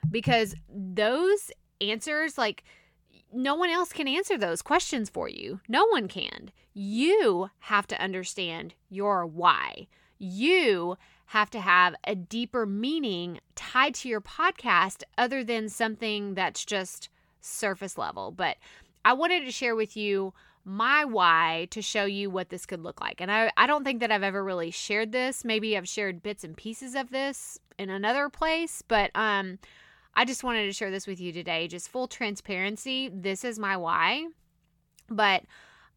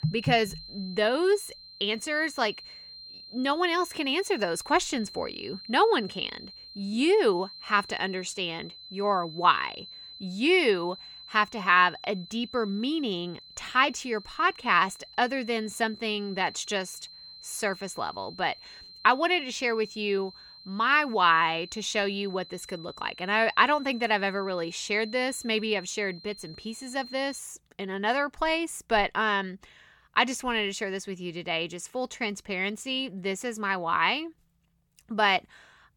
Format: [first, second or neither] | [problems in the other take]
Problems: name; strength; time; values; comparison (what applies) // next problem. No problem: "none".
first | high-pitched whine; noticeable; until 27 s; 4 kHz, 15 dB below the speech